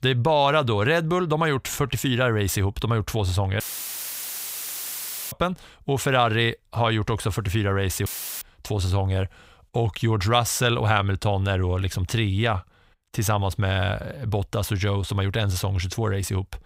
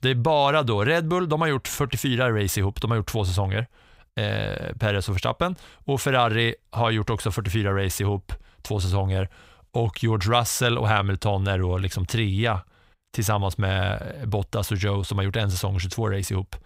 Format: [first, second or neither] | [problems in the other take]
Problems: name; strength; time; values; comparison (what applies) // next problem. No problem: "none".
second | audio cutting out; filled with static; at 3.5 s for 1.5 s and at 8 s